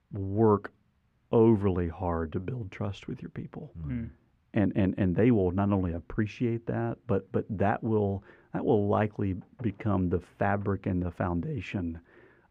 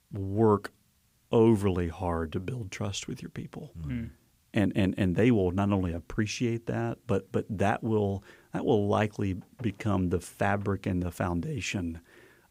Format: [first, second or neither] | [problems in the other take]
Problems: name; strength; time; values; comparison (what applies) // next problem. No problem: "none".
second | muffled; very; fading above 4 kHz